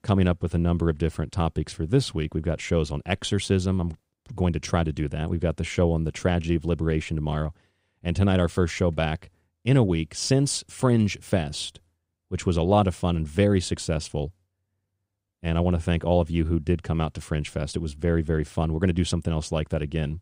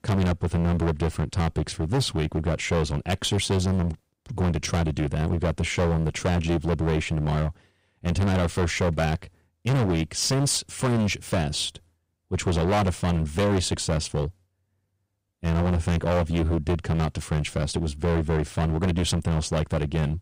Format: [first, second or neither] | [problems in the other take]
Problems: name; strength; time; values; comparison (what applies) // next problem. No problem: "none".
first | distortion; heavy; 17% of the sound clipped